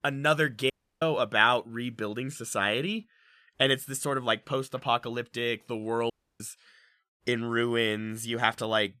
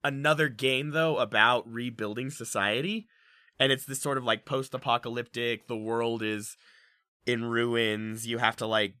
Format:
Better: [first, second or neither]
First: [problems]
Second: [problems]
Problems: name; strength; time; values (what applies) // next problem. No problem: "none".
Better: second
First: audio cutting out; at 0.5 s and at 6 s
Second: none